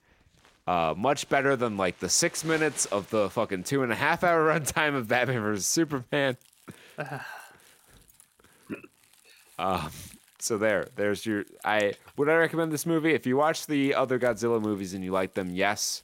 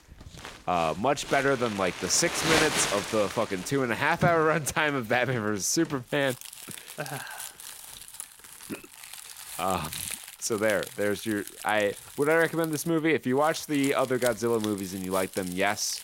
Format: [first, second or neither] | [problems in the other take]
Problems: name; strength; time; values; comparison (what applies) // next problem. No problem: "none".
first | household noises; loud; throughout; 9 dB below the speech; faint in the first